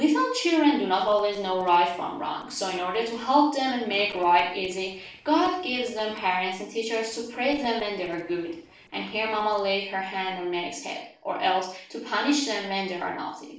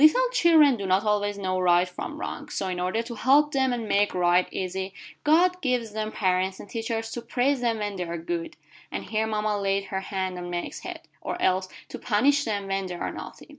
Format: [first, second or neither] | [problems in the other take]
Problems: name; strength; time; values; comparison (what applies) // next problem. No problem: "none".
second | noise reduction (neural separator model SepFormer DNS4)